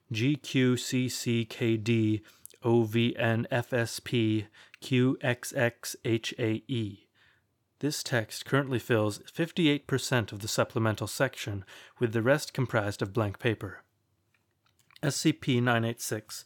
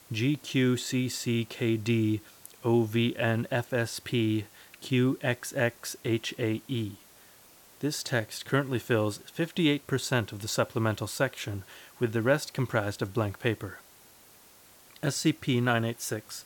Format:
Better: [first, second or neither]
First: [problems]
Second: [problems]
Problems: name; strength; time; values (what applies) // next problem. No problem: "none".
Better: first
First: none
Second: hiss; faint; throughout; 25 dB below the speech